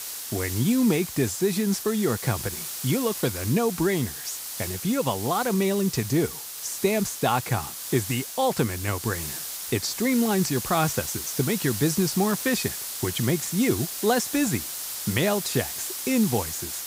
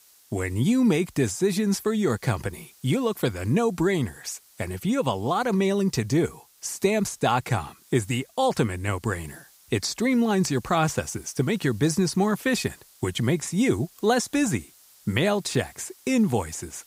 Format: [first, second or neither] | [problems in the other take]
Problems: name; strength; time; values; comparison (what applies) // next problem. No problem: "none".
second | hiss; loud; throughout; 6 dB below the speech; faint in the second